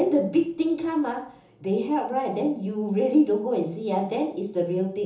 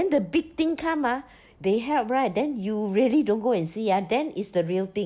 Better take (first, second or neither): second